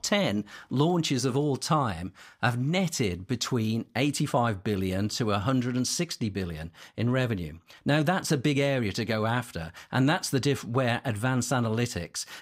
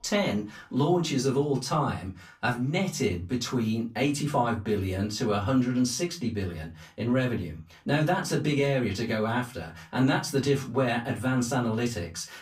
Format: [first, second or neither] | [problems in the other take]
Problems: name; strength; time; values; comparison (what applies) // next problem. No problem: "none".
first | off-mic speech; far // room echo; very slight; dies away in 0.2 s